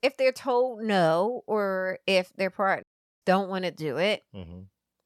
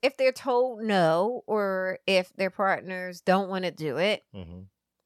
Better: second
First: audio cutting out; at 3 s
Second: none

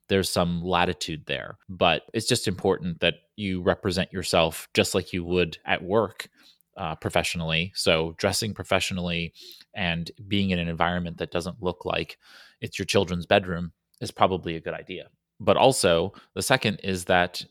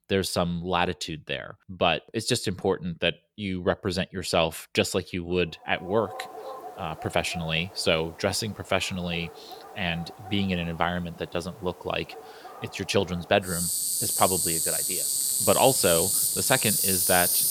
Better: first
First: none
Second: animal sounds; very loud; from 6 s on; 4 dB above the speech

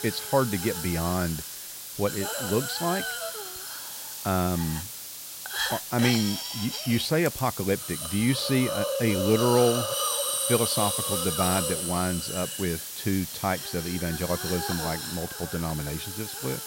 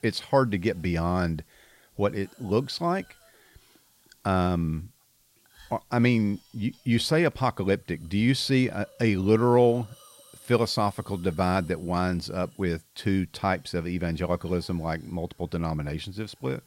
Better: second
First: hiss; loud; throughout; 2 dB below the speech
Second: hiss; faint; throughout; 30 dB below the speech

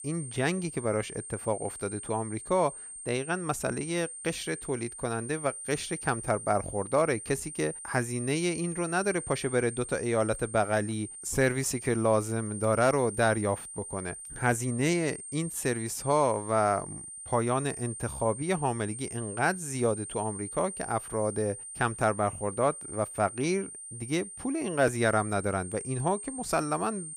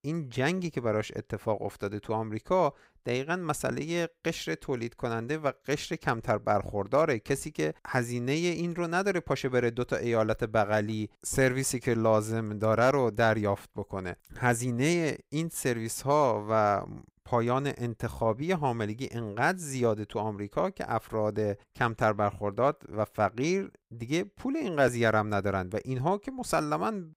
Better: second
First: high-pitched whine; loud; throughout; 8.5 kHz, 9 dB below the speech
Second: none

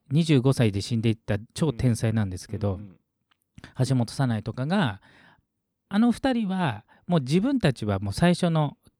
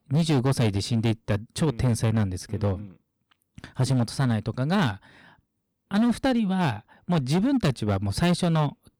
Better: first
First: none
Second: distortion; slight; 10% of the sound clipped

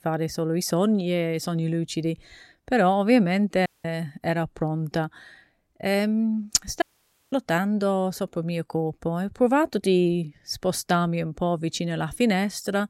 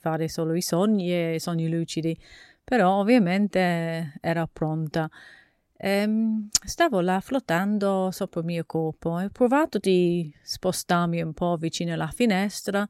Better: second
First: audio cutting out; at 3.5 s and at 7 s for 0.5 s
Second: none

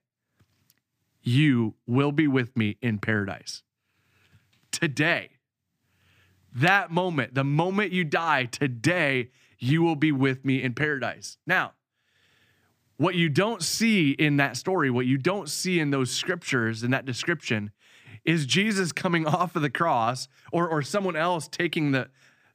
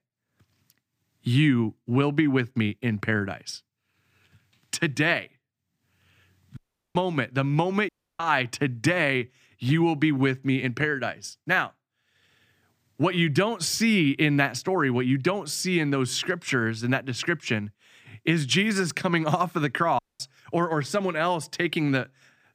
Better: first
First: none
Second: audio cutting out; at 6.5 s, at 8 s and at 20 s

